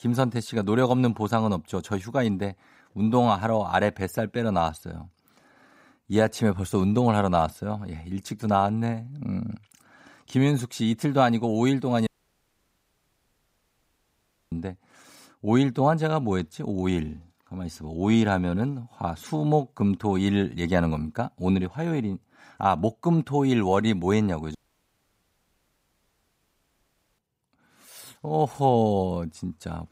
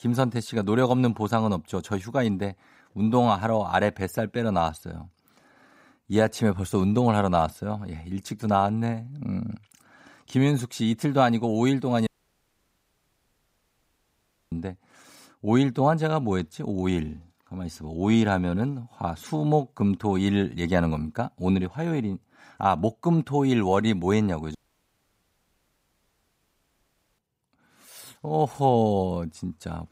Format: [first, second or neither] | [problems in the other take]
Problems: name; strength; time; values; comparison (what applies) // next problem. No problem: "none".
neither | audio cutting out; at 12 s for 2.5 s and at 25 s for 2.5 s; the same in both